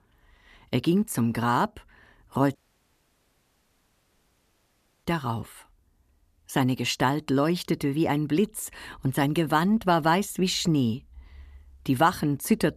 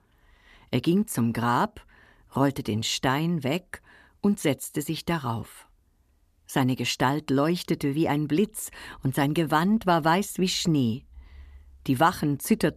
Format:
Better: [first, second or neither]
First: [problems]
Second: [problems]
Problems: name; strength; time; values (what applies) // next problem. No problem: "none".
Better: second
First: audio cutting out; at 2.5 s for 2.5 s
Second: none